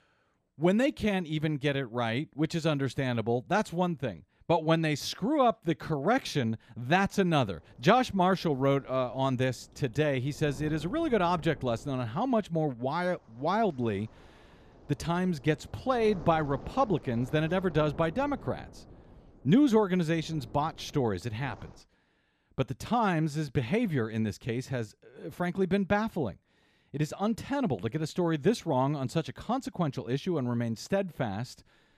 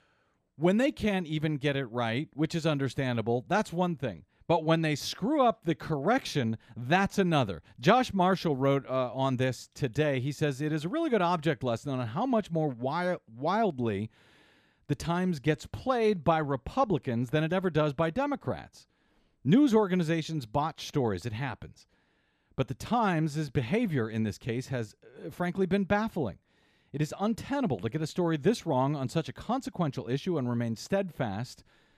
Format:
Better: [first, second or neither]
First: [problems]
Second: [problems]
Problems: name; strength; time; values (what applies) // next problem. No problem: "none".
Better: second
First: wind noise on the microphone; occasional gusts; from 7.5 to 22 s; 25 dB below the speech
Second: none